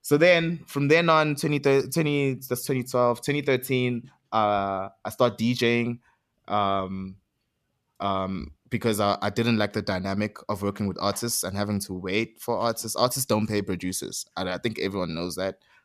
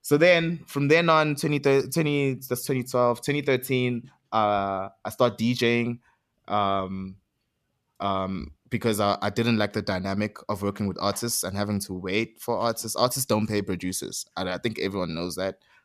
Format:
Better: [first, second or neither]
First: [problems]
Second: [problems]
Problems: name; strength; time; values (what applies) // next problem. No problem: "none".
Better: neither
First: none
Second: none